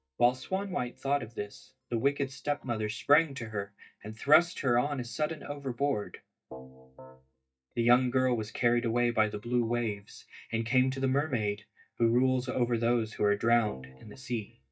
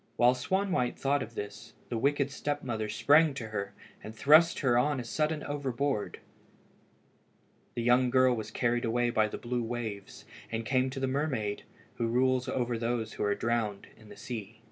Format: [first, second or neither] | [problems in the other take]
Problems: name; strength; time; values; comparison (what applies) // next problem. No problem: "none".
second | noise reduction (neural mask model DeepFilterNet 3)